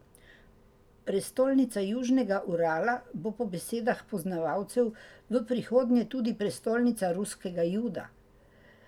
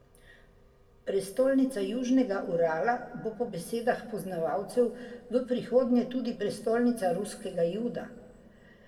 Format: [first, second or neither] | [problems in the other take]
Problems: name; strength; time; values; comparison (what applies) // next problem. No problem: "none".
first | room echo; dies away in 1.4 s